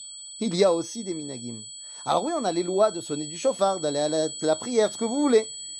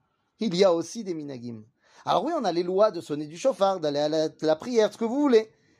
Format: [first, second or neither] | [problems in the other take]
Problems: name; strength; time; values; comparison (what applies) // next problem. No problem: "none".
second | high-pitched whine; noticeable; throughout; 8 kHz, 10 dB below the speech